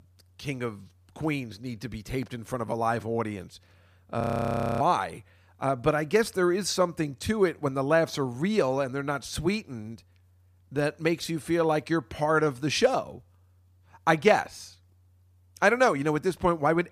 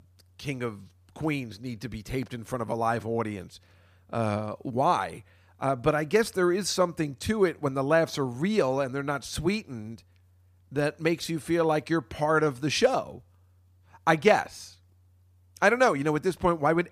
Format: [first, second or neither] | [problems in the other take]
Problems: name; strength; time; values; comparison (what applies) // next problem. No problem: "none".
second | audio freezing; at 4 s for 0.5 s